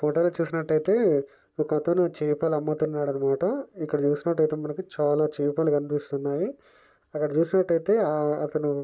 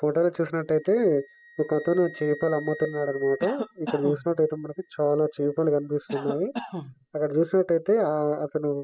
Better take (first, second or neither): first